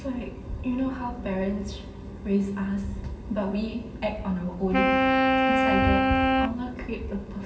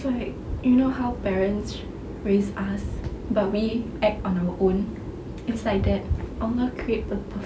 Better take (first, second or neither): second